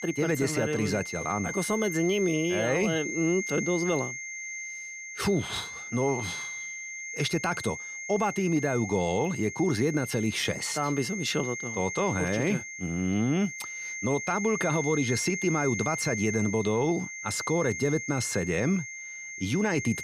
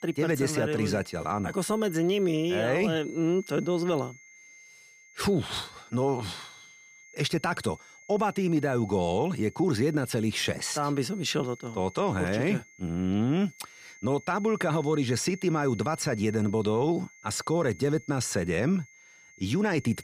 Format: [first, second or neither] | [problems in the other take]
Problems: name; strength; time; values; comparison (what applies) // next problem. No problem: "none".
second | high-pitched whine; loud; throughout; 2 kHz, 6 dB below the speech; faint in the second